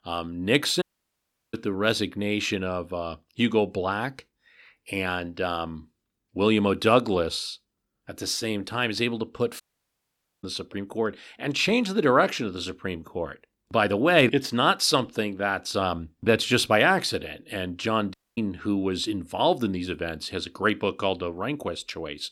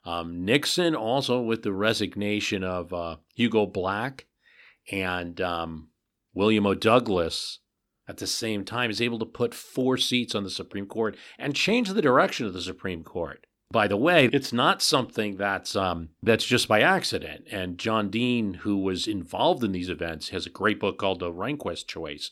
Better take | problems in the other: second | audio cutting out; at 1 s for 0.5 s, at 9.5 s for 1 s and at 18 s

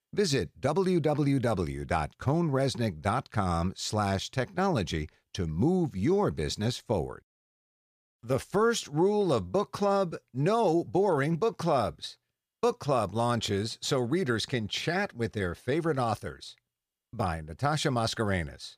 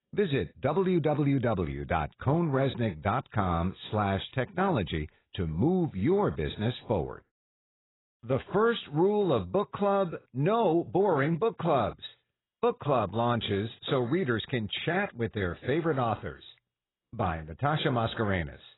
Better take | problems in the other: first | garbled, watery; badly; nothing above 4 kHz

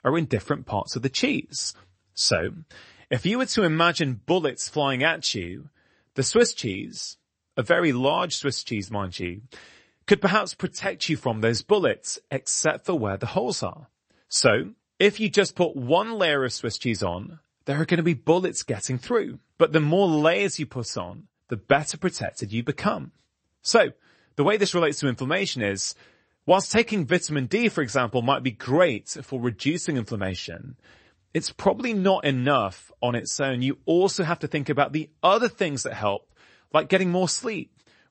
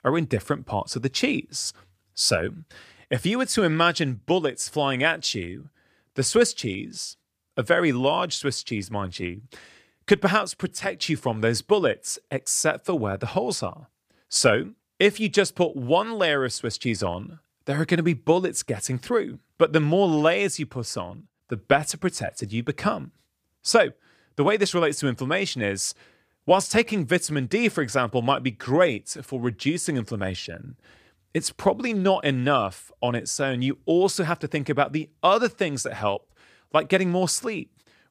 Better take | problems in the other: second | garbled, watery; slightly; nothing above 8 kHz

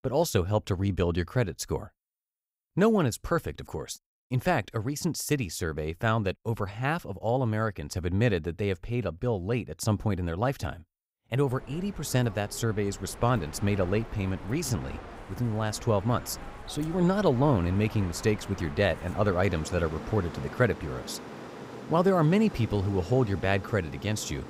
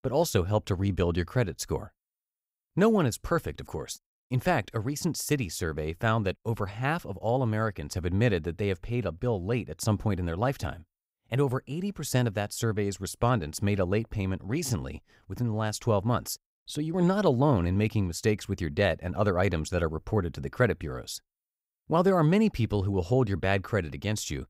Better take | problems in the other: second | train or aircraft noise; noticeable; from 11 s on; 15 dB below the speech

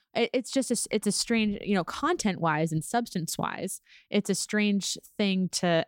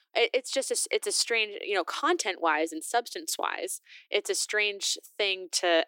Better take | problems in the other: first | thin; very; fading below 300 Hz

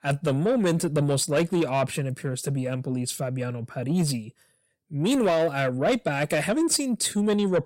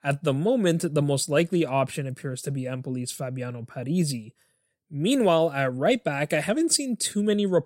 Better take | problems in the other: second | distortion; slight; 10 dB below the speech

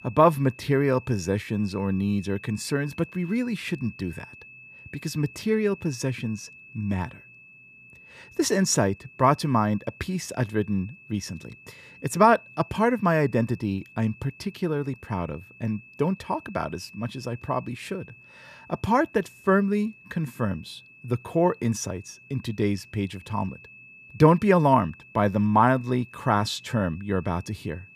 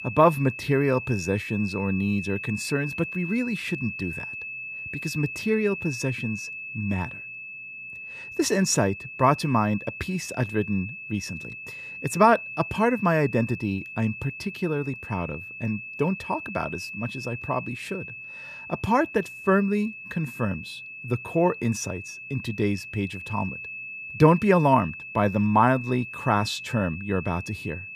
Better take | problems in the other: first | high-pitched whine; loud; throughout; 2.5 kHz, 9 dB below the speech; faint in the first

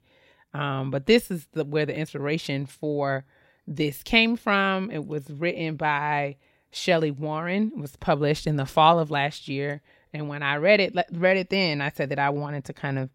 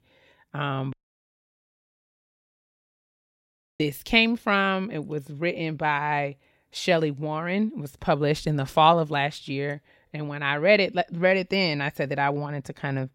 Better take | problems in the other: first | audio cutting out; at 1 s for 3 s

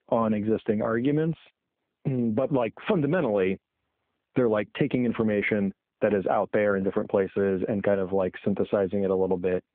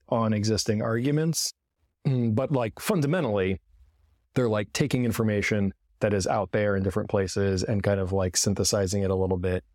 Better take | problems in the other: second | phone-call audio

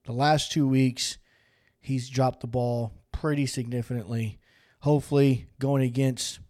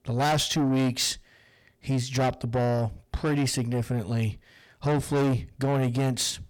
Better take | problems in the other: first | distortion; heavy; 6 dB below the speech

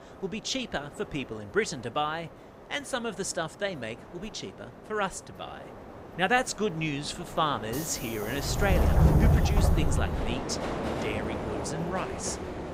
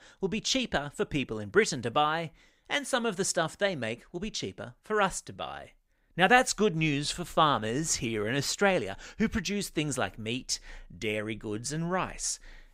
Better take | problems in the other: second | train or aircraft noise; very loud; throughout; 3 dB above the speech

